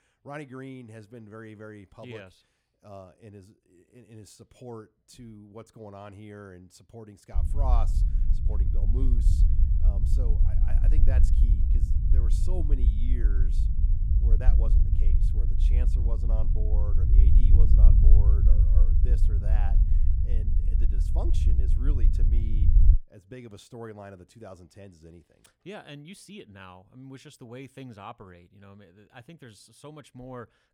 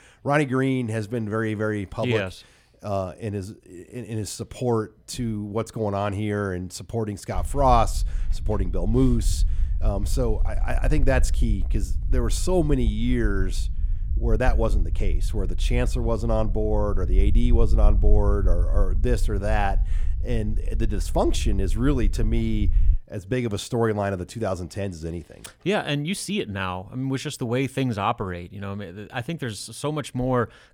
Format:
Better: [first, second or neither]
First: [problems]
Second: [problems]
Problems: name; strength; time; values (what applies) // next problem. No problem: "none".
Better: second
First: low rumble; loud; from 7.5 to 23 s; as loud as the speech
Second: low rumble; faint; from 7.5 to 23 s; 20 dB below the speech